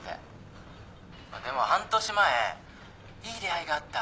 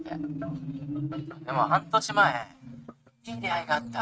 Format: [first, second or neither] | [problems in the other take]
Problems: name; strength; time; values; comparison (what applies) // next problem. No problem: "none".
first | noise reduction (neural mask model RNNoise)